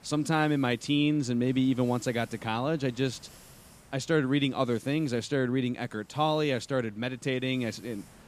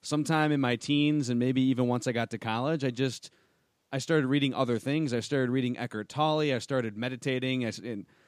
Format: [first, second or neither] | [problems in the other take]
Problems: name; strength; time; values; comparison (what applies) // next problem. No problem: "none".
second | hiss; faint; throughout; 25 dB below the speech